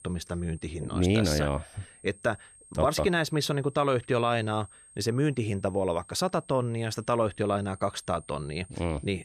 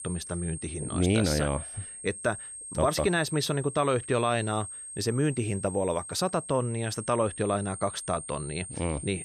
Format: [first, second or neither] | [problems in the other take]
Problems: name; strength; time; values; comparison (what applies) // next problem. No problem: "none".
first | high-pitched whine; loud; throughout; 8.5 kHz, 10 dB below the speech; faint in the first